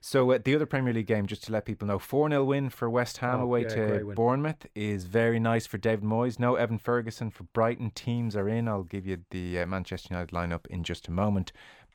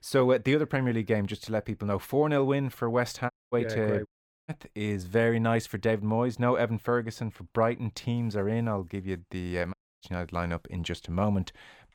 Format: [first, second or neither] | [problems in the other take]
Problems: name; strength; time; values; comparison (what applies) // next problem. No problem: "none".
first | audio cutting out; at 3.5 s, at 4 s and at 9.5 s